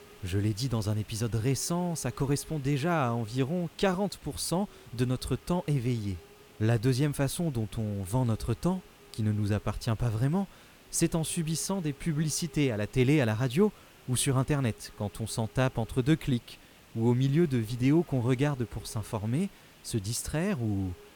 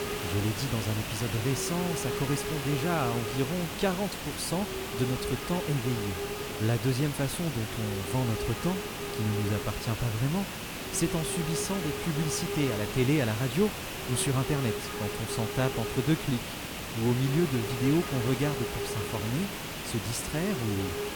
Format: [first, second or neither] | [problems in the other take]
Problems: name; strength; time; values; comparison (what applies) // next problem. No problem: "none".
first | hiss; loud; throughout; 3 dB below the speech; faint in the first